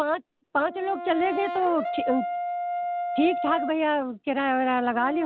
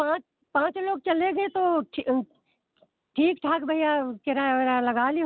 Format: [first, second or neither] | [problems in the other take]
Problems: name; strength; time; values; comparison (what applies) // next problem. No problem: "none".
second | background sound (Brass instrument); 6 dB below the speech